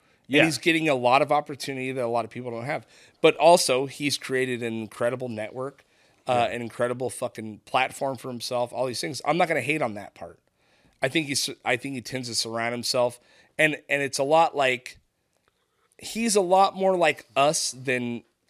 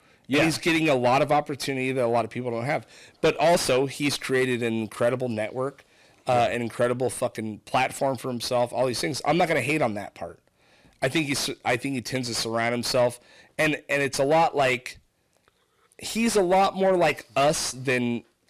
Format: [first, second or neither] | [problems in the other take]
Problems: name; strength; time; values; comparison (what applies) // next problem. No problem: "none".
first | distortion; heavy; 7 dB below the speech